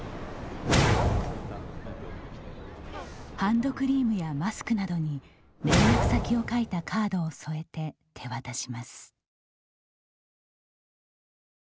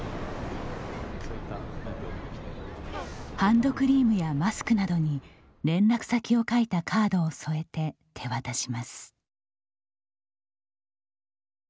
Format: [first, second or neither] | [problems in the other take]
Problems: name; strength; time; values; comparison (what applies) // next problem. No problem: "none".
second | background sound (Whoosh, swoosh, swish); 4 dB above the speech